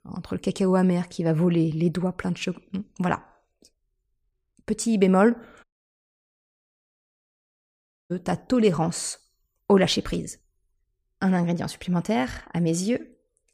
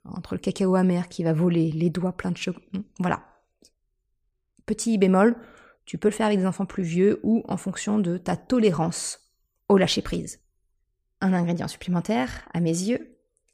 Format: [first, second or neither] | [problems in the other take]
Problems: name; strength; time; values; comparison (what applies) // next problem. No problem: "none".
second | audio cutting out; at 5.5 s for 2.5 s